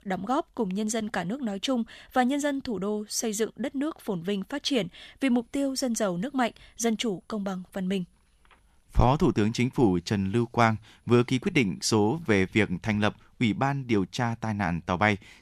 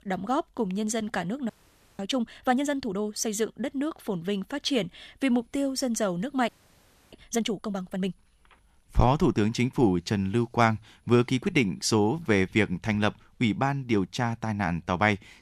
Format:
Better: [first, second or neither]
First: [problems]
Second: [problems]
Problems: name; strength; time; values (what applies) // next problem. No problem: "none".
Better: first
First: none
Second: audio freezing; at 1.5 s for 0.5 s and at 6.5 s for 0.5 s